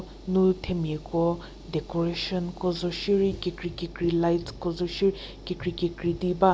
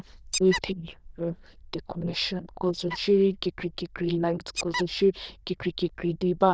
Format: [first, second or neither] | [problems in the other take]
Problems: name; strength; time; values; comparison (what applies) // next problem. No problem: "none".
first | noise reduction (neural diffusion model UNIVERSE++)